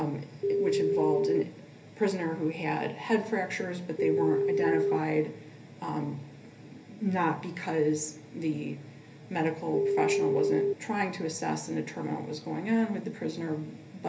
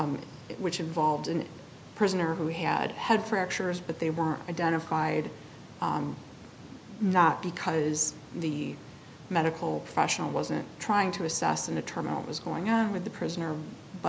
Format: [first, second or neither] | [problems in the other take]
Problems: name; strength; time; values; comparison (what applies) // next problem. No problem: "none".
second | background sound (Telephone); 5 dB above the speech // room echo; dies away in 0.3 s